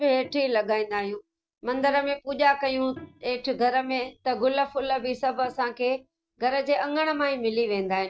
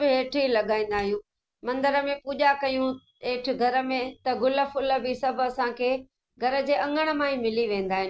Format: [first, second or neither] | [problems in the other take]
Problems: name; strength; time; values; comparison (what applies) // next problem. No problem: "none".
second | noise reduction (neural mask model DeepFilterNet 3)